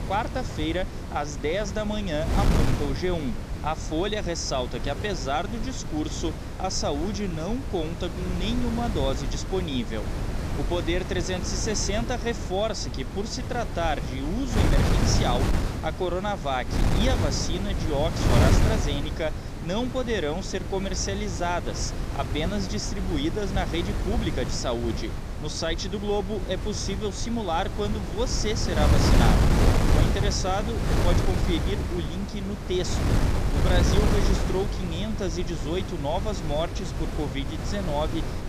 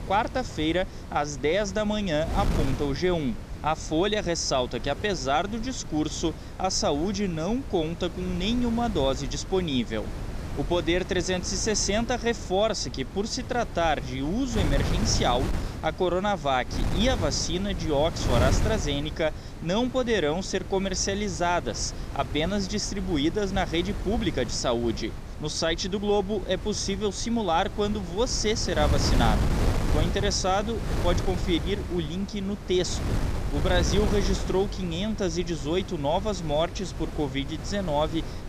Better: second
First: wind noise on the microphone; heavy; 4 dB below the speech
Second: wind noise on the microphone; occasional gusts; 10 dB below the speech

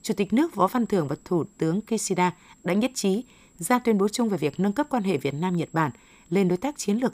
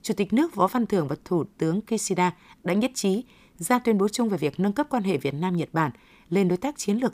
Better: second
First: high-pitched whine; faint; throughout; 7.5 kHz, 30 dB below the speech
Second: none

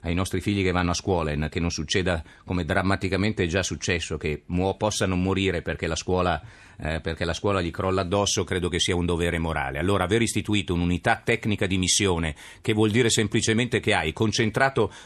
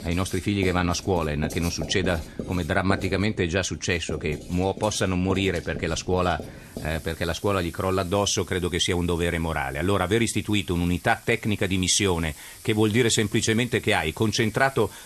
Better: first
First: none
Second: household noises; noticeable; throughout; 15 dB below the speech

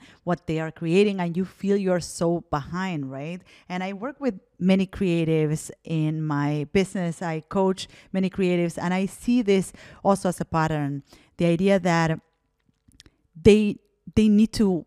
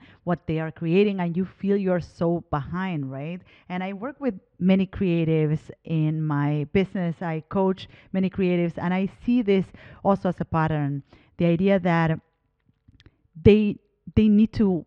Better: first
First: none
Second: muffled; slightly; fading above 3.5 kHz

